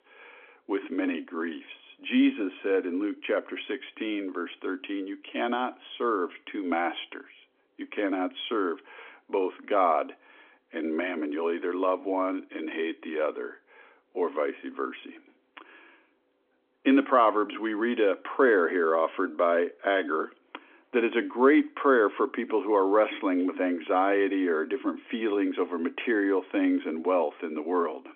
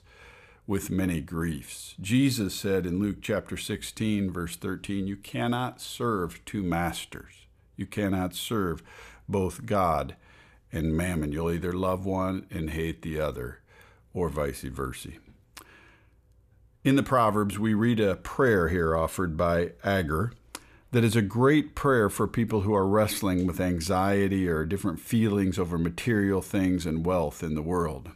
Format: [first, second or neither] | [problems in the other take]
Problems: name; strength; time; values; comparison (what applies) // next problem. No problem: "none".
second | phone-call audio; nothing above 3.5 kHz